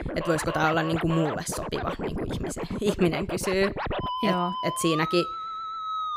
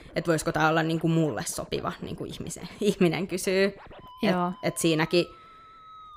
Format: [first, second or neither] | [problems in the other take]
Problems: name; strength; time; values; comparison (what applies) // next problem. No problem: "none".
second | background music; loud; throughout; 5 dB below the speech; faint in the second